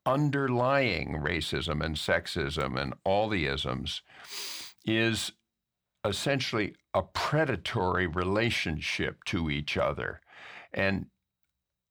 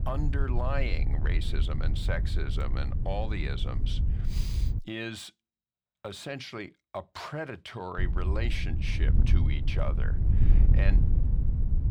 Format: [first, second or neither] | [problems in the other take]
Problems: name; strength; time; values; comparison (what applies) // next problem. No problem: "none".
first | wind noise on the microphone; heavy; until 5 s and from 8 s on; 7 dB below the speech